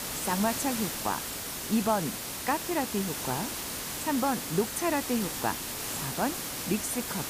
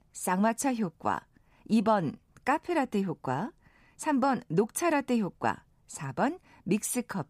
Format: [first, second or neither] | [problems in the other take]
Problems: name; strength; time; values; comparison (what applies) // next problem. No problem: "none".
second | hiss; loud; throughout; 2 dB below the speech